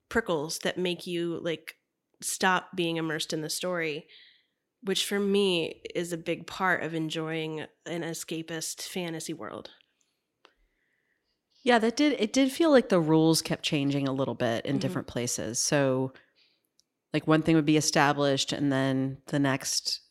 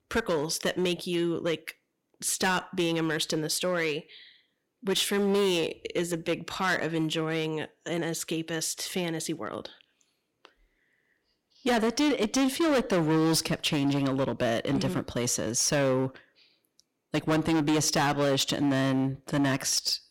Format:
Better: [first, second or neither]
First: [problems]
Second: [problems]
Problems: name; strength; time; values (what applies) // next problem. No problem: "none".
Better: first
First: none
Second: distortion; heavy; 10% of the sound clipped